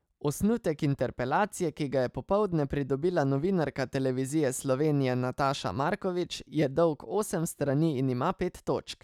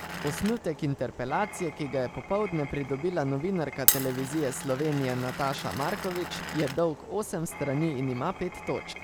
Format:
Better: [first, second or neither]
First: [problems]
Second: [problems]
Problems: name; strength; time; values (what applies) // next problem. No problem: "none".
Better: first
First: none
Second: background sound (Glass); 6 dB below the speech